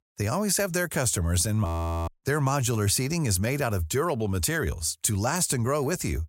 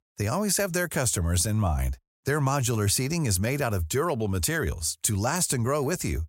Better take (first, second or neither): second